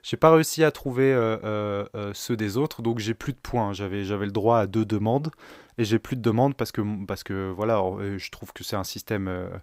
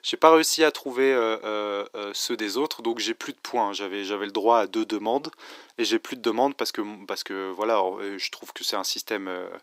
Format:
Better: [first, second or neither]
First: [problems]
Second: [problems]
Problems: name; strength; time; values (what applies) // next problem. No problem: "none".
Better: first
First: none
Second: thin; somewhat; fading below 300 Hz